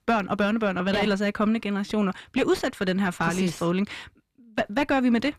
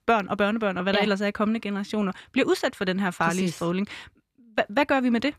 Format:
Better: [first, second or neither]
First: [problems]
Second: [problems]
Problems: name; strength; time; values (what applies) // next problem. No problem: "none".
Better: second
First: distortion; slight; 10 dB below the speech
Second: none